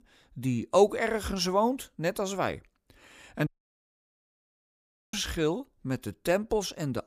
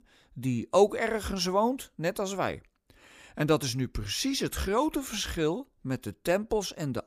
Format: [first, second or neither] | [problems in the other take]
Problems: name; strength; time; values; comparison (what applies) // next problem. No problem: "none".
second | audio cutting out; at 3.5 s for 1.5 s